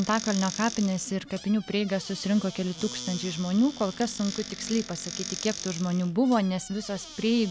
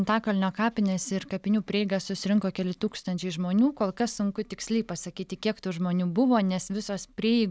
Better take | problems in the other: second | background sound (Squeak / Cupboard open or close); 12 dB below the speech

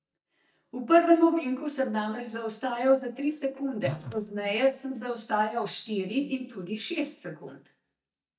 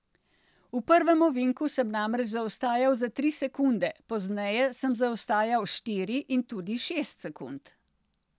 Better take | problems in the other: second | noise reduction (neural mask model DeepFilterNet 3)

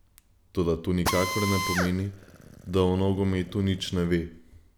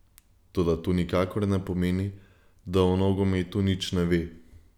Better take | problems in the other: second | background sound (Drill); 7 dB below the speech

